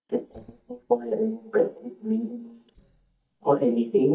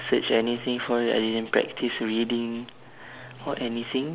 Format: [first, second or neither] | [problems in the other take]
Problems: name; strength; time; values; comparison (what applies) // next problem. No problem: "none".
second | noise reduction (neural mask model DeepFilterNet 3)